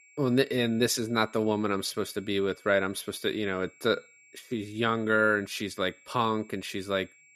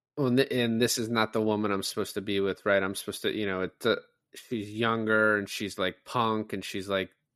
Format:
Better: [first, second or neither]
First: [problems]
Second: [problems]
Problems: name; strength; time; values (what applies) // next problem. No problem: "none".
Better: second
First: high-pitched whine; faint; throughout; 2.5 kHz, 25 dB below the speech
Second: none